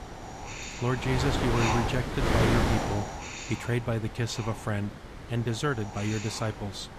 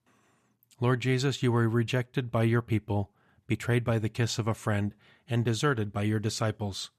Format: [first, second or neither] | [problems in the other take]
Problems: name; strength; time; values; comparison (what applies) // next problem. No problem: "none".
second | wind noise on the microphone; heavy; 1 dB above the speech